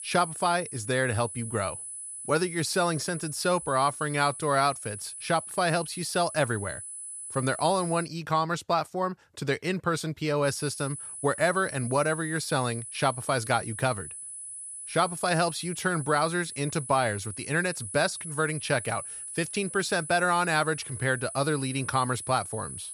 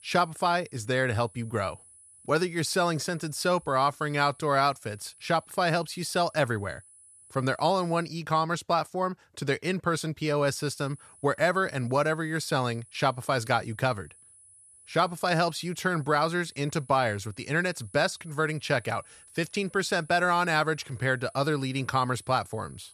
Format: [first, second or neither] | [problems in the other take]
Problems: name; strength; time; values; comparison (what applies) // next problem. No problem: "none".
second | high-pitched whine; loud; until 8 s and from 10 s on; 10 kHz, 9 dB below the speech; faint in the second